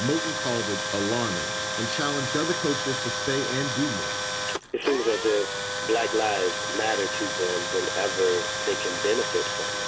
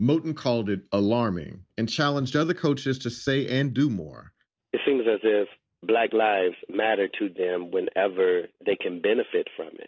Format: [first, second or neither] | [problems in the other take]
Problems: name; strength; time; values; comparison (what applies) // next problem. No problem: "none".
second | background sound (Tools); 1 dB below the speech // room echo; dies away in 0.3 s